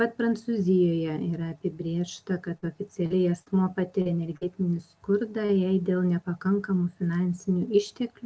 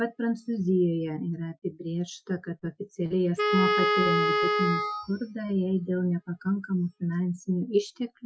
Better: first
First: none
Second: noise reduction (classical method Wiener filter)

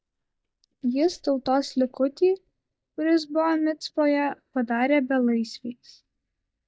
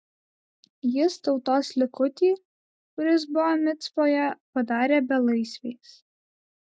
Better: second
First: noise reduction (neural mask model DeepFilterNet 3)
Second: none

